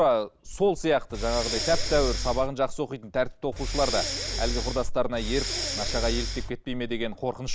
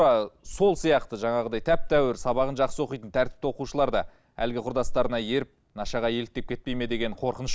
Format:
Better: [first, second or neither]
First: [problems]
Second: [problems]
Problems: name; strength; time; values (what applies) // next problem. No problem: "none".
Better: second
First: background sound (Breathing); 3 dB below the speech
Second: none